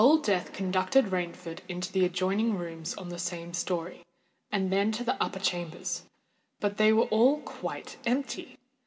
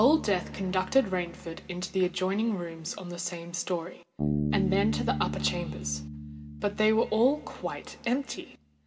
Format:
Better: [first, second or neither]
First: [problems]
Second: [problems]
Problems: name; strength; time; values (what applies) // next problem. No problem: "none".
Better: first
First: none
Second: background sound (Bass guitar); 7 dB below the speech